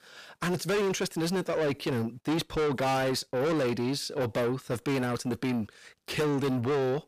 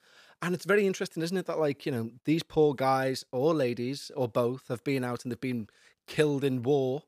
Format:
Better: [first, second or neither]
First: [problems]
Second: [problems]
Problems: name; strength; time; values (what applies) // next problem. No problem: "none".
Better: second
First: distortion; heavy; 6 dB below the speech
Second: none